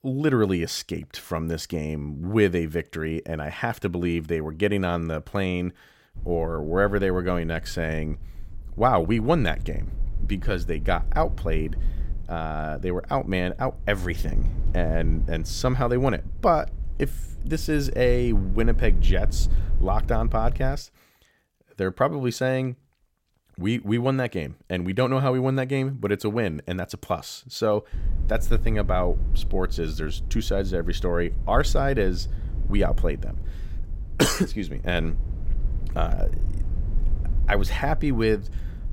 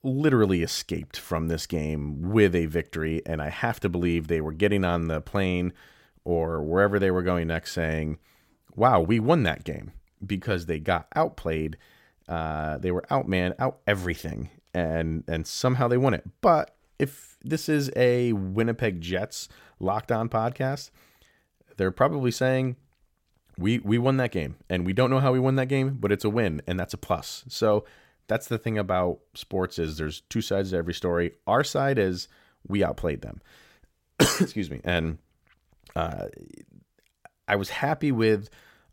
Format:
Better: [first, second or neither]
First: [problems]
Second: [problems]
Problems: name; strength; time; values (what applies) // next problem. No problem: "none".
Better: second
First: low rumble; faint; from 6 to 21 s and from 28 s on; 20 dB below the speech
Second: none